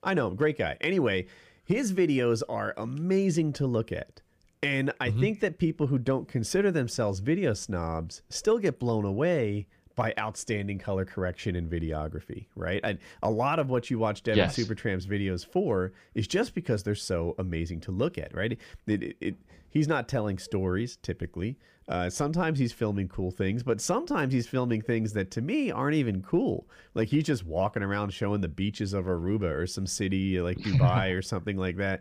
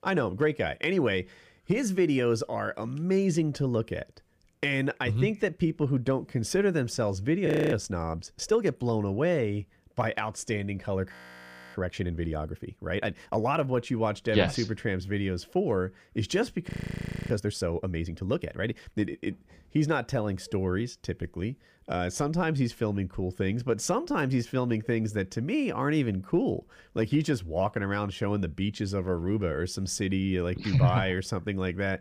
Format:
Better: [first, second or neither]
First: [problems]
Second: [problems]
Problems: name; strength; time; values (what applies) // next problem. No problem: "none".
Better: first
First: none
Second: audio freezing; at 7.5 s, at 11 s for 0.5 s and at 17 s for 0.5 s